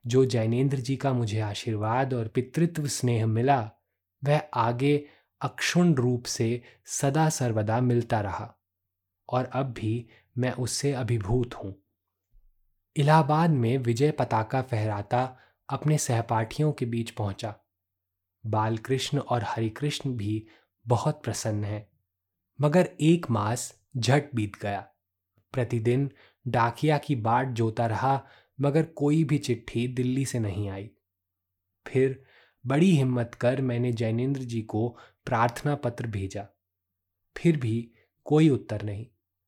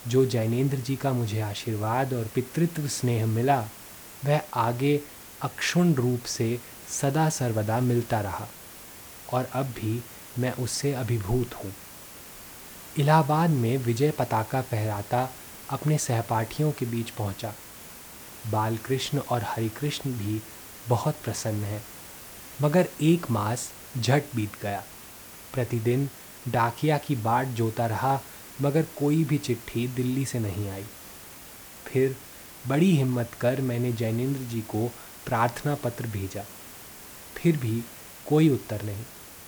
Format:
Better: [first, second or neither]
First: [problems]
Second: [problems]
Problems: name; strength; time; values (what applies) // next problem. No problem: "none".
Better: first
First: none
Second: hiss; noticeable; throughout; 15 dB below the speech